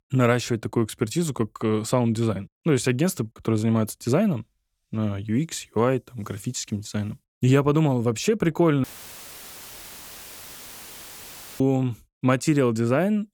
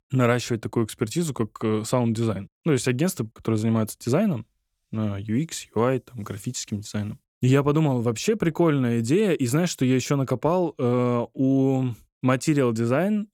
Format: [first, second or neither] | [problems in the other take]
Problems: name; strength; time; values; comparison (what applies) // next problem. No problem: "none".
second | audio cutting out; filled with static; at 9 s for 3 s